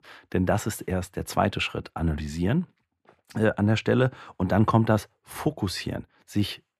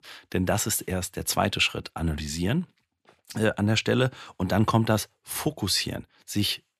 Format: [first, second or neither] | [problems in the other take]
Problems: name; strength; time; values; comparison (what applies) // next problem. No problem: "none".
second | muffled; slightly; fading above 2.5 kHz